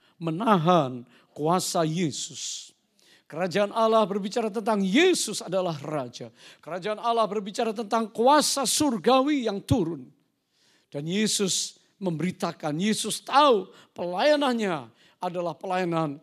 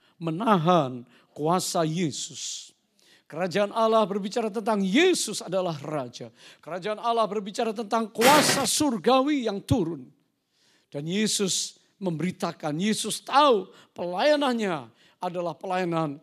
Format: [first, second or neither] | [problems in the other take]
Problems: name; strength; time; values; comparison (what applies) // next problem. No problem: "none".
first | footsteps; loud; at 8 s; peak 4 dB above the speech